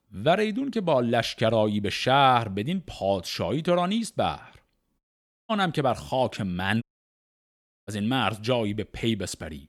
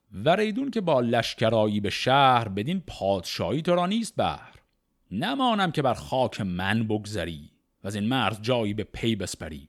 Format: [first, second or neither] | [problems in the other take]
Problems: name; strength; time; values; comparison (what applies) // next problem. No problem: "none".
second | audio cutting out; at 5 s and at 7 s for 1 s